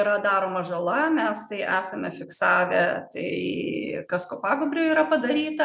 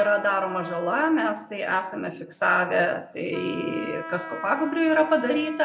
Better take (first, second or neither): first